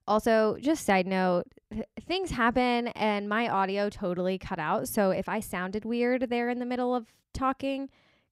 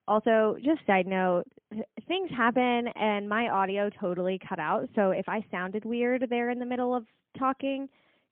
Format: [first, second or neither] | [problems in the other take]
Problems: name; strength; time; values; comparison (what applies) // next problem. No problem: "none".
first | phone-call audio; poor line; nothing above 3.5 kHz